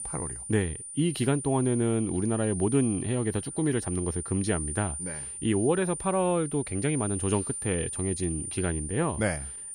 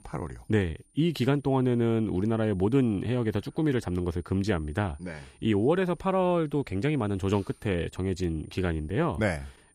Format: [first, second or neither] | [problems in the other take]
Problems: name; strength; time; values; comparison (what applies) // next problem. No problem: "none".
second | high-pitched whine; loud; throughout; 9 kHz, 6 dB below the speech; faint in the second